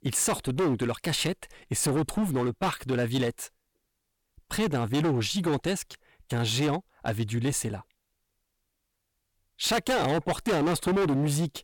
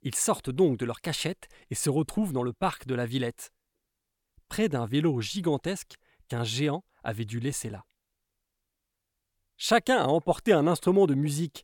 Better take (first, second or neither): second